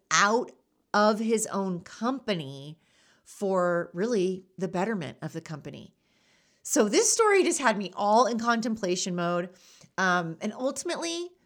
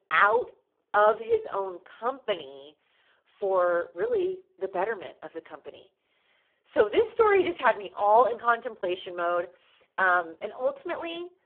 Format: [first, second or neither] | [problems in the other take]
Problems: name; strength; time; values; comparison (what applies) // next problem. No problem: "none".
first | phone-call audio; poor line